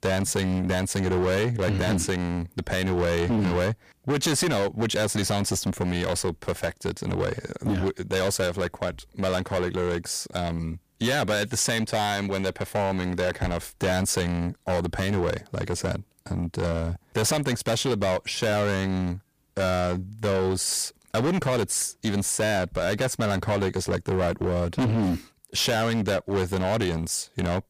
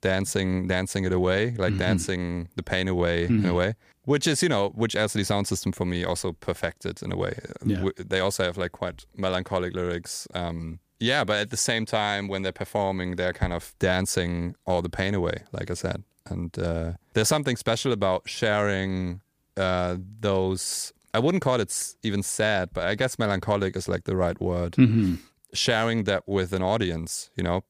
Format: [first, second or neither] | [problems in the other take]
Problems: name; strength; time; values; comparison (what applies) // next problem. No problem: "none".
second | distortion; heavy; 17% of the sound clipped